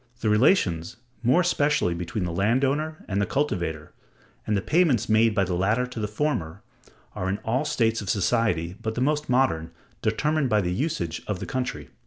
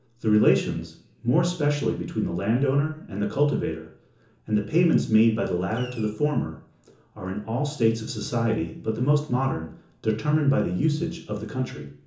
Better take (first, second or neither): first